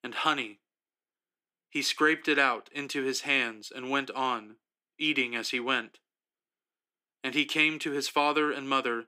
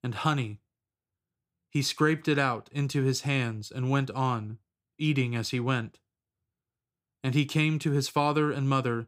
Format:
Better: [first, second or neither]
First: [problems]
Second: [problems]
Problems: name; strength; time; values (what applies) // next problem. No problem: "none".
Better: second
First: thin; somewhat; fading below 250 Hz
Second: none